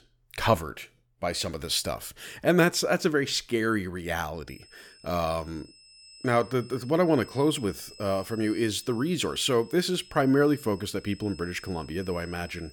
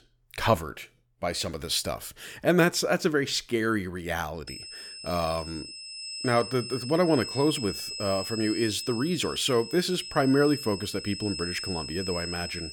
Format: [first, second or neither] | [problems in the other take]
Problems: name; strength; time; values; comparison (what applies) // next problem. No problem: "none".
first | high-pitched whine; loud; from 4.5 s on; 5 kHz, 8 dB below the speech; faint in the first